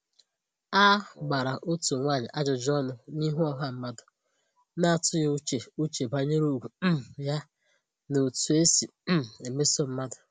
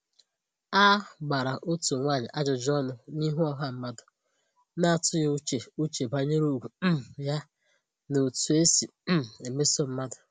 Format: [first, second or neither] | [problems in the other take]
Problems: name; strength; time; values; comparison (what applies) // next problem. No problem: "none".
second | background sound (Wind instrument, woodwind instrument); 20 dB below the speech